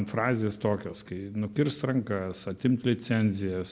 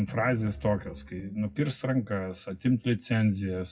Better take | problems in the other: first | noise reduction (classical method WPE with log-MMSE)

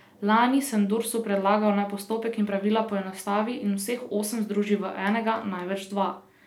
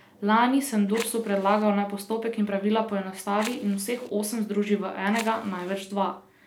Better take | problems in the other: first | background sound (Fire); 17 dB below the speech

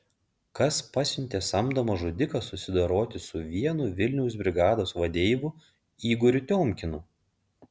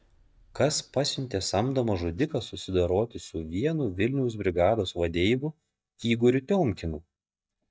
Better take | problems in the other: first | noise reduction (neural mask model DeepFilterNet 3)

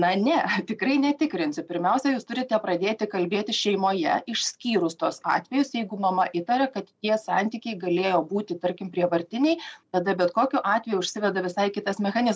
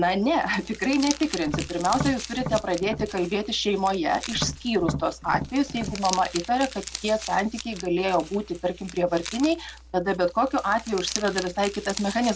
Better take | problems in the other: first | background sound (Tap + Crumpling, crinkling); 10 dB below the speech

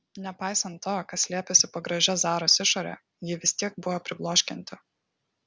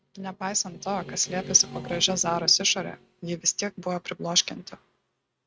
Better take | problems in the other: first | noise reduction (neural mask model RNNoise)

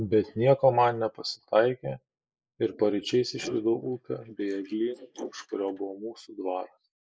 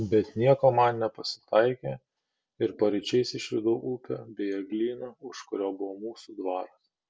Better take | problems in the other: second | noise reduction (neural mask model Resemble Enhance denoiser)

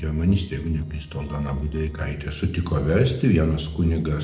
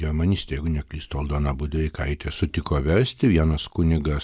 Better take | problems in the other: second | noise reduction (neural separator model SepFormer DNS4)

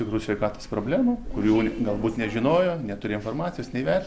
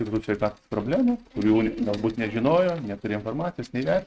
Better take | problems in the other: first | noise reduction (neural mask model RNNoise)

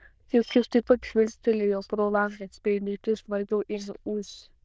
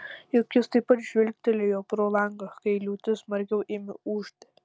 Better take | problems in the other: second | noise reduction (neural diffusion model UNIVERSE++)

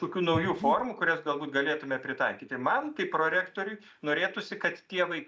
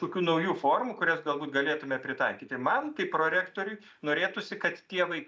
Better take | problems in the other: second | background sound (Breathing); 6 dB below the speech

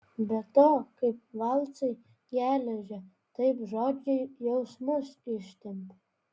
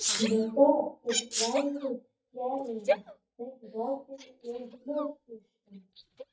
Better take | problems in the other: first | noise reduction (neural mask model DeepFilterNet 3)

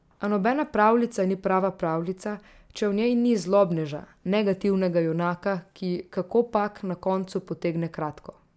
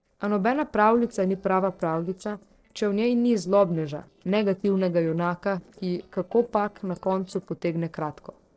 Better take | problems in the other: first | noise reduction (neural separator model SepFormer DNS4)

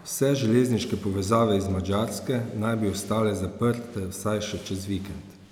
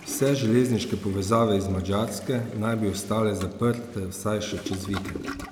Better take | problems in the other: first | background sound (Toilet flush); 15 dB below the speech

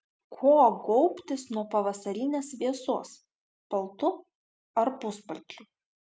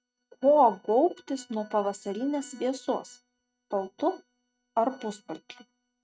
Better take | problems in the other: first | noise reduction (neural mask model RNNoise)

